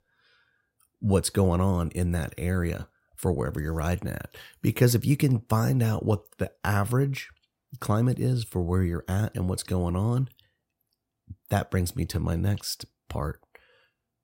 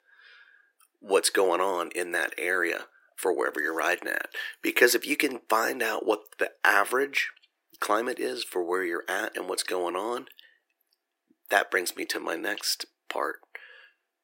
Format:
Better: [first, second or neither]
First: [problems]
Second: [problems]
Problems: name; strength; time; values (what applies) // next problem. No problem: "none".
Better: first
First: none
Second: thin; very; fading below 350 Hz